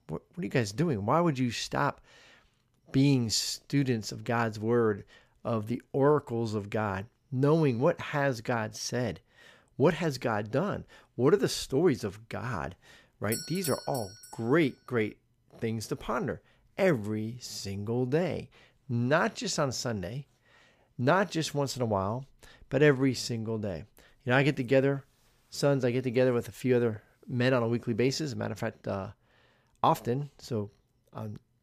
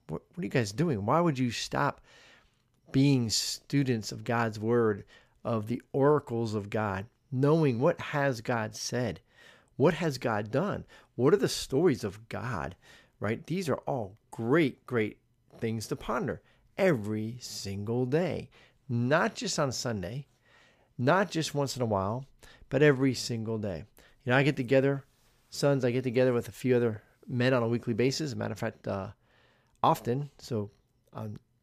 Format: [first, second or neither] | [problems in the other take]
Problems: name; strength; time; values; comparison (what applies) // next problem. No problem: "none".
second | doorbell; noticeable; at 13 s; peak 6 dB below the speech